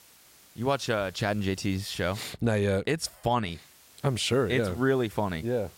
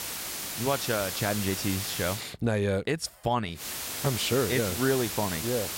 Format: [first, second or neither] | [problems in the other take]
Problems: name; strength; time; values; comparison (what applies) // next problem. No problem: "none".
first | hiss; loud; until 2 s and from 3.5 s on; 3 dB below the speech; faint in the first